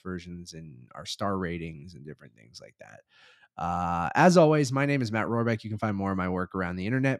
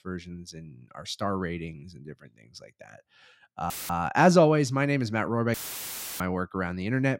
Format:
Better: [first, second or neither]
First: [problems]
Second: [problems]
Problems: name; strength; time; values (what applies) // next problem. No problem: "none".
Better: first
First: none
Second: audio cutting out; filled with static; at 3.5 s and at 5.5 s for 0.5 s